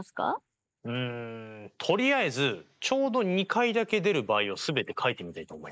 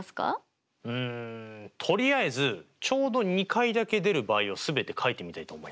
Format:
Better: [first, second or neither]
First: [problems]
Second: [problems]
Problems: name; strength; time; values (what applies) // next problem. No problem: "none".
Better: second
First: noise reduction (neural mask model Resemble Enhance denoiser)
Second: none